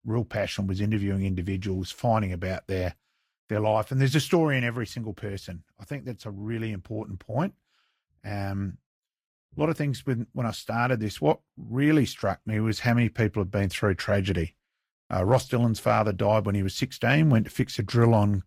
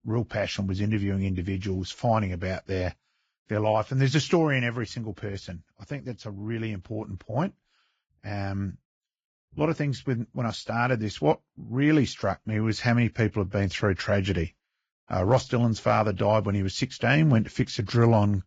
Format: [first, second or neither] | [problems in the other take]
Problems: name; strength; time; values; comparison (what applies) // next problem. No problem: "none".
first | garbled, watery; badly; nothing above 7.5 kHz; slightly in the first